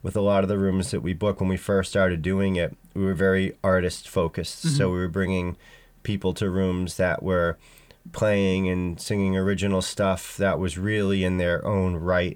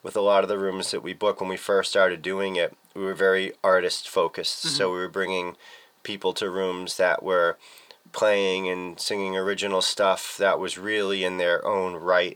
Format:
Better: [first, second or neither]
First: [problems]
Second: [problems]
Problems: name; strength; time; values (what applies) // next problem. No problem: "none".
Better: first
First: none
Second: thin; very; fading below 450 Hz